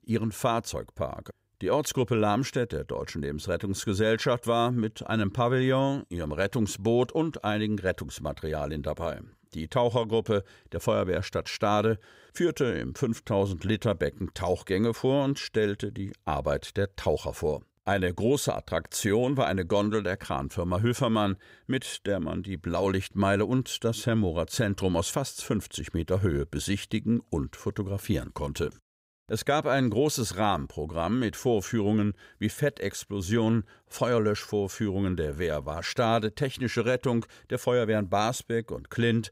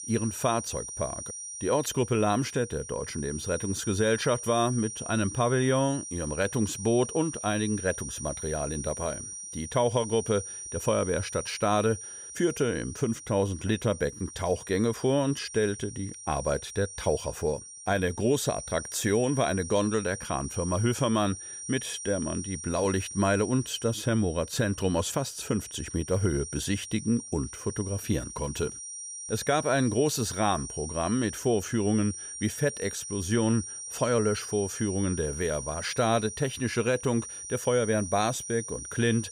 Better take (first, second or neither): first